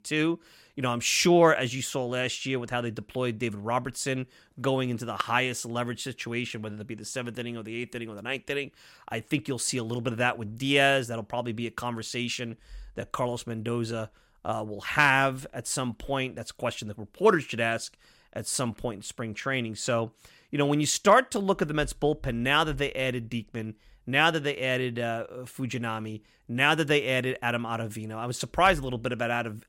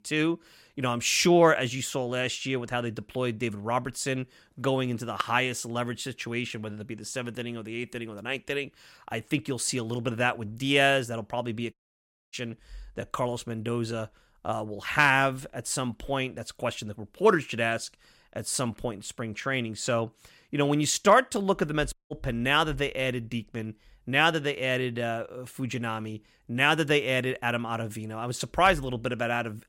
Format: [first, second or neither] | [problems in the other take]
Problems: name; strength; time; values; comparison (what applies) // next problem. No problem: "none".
first | audio cutting out; at 12 s for 0.5 s and at 22 s